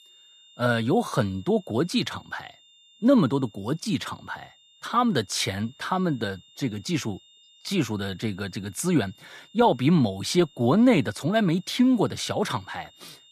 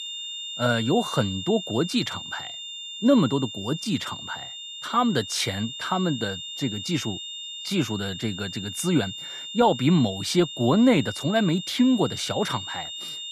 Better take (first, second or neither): first